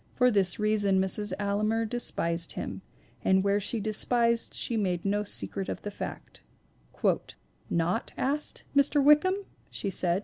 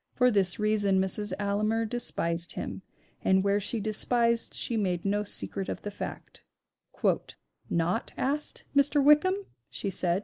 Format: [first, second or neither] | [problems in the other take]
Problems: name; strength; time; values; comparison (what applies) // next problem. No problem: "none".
first | noise reduction (neural mask model Resemble Enhance denoiser)